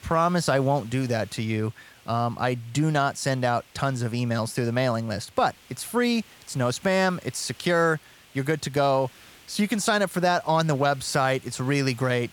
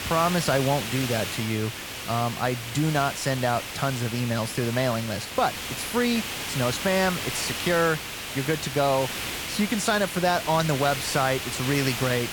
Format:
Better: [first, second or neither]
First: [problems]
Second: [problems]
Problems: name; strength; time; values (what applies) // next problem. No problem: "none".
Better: first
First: hiss; faint; throughout; 25 dB below the speech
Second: hiss; loud; throughout; 5 dB below the speech